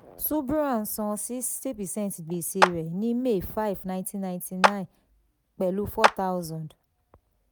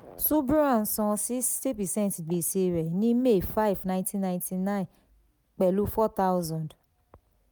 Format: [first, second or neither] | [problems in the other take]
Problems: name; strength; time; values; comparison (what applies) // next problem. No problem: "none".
second | background sound (Clapping); 1 dB above the speech